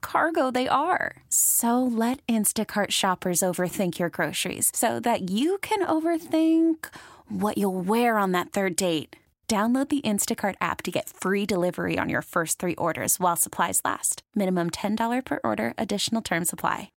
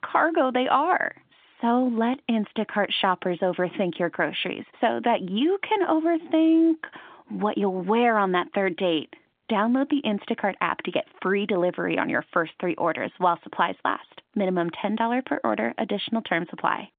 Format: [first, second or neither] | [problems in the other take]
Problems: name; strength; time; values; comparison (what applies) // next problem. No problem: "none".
first | phone-call audio; nothing above 3 kHz